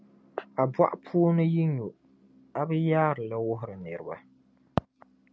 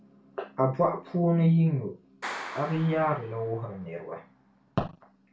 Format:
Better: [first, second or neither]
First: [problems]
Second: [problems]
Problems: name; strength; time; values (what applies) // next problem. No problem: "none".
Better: first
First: none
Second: background sound (Clapping); 17 dB below the speech // room echo; dies away in 0.3 s